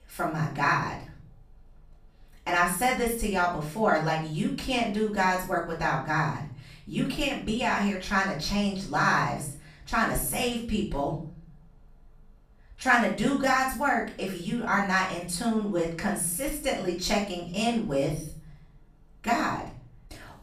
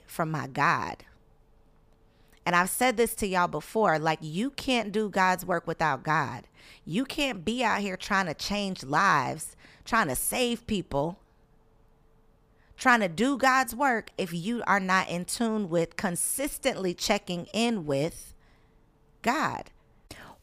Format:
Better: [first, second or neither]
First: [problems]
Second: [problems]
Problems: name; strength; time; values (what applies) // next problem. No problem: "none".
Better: second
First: off-mic speech; far // room echo; slight; dies away in 0.5 s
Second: none